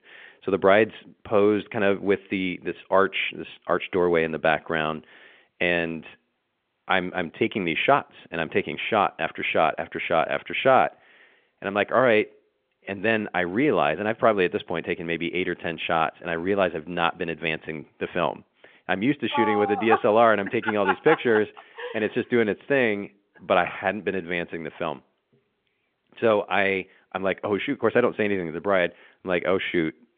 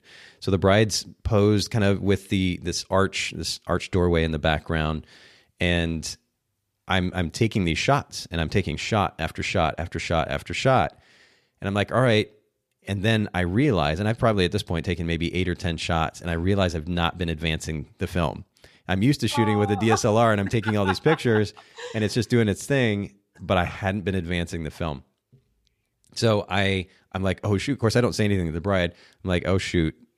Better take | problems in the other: second | phone-call audio; nothing above 3.5 kHz

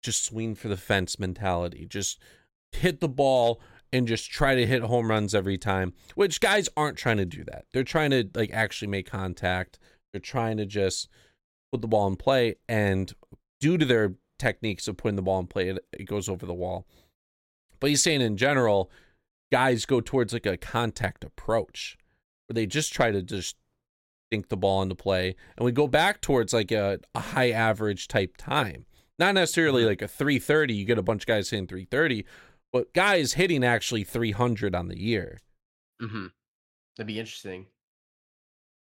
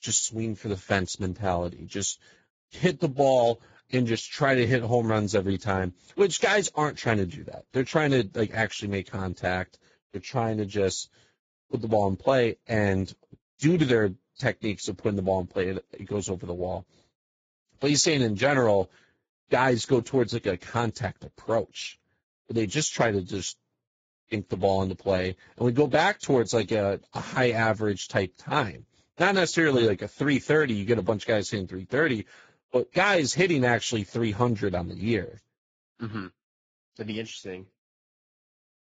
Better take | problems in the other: first | garbled, watery; badly; nothing above 7.5 kHz

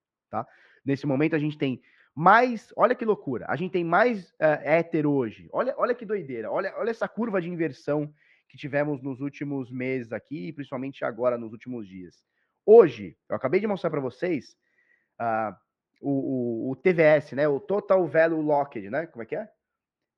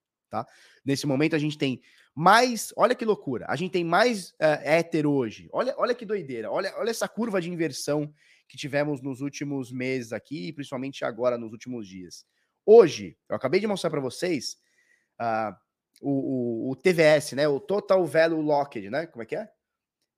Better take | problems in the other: second | muffled; very; fading above 2 kHz

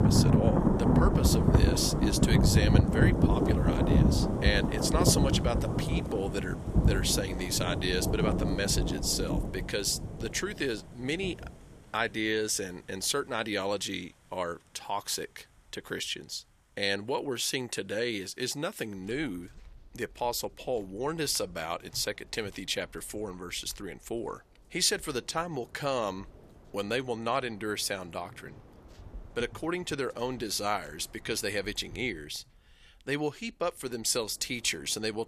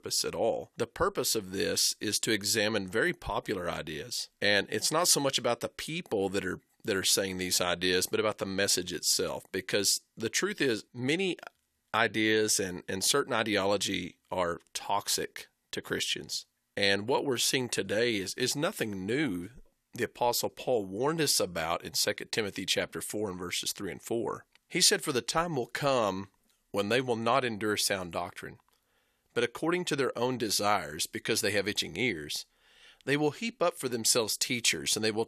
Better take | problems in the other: second | rain or running water; very loud; throughout; 5 dB above the speech

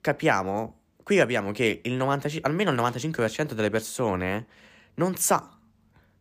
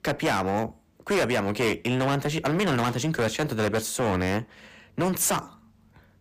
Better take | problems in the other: first | distortion; heavy; 15% of the sound clipped

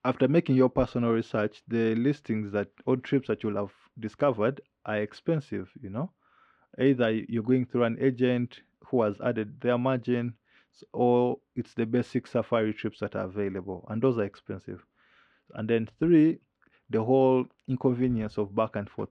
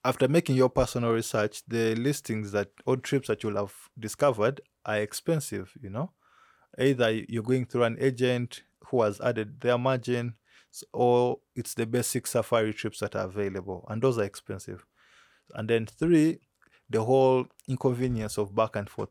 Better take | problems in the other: second | muffled; slightly; fading above 3.5 kHz

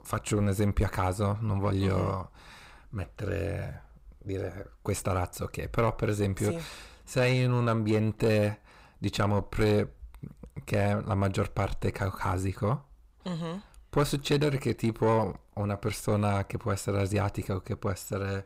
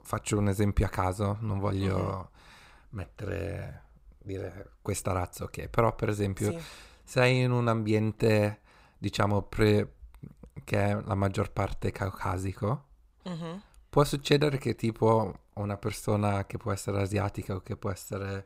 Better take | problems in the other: second | distortion; slight; 10 dB below the speech

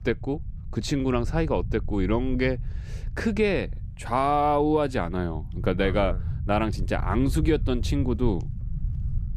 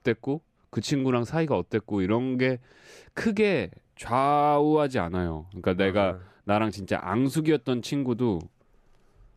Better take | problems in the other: second | low rumble; faint; throughout; 20 dB below the speech

